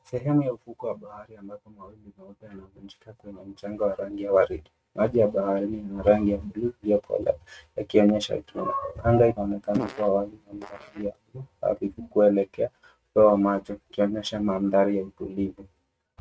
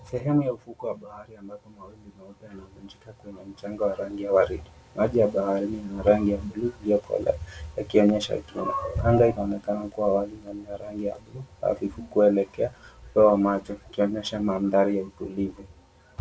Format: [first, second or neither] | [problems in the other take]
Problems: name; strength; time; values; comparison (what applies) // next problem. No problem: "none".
second | noise reduction (neural mask model RNNoise)